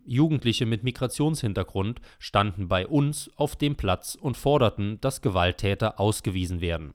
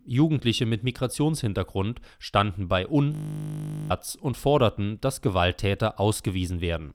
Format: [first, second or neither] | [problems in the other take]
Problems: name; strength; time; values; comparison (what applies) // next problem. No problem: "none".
first | audio freezing; at 3 s for 1 s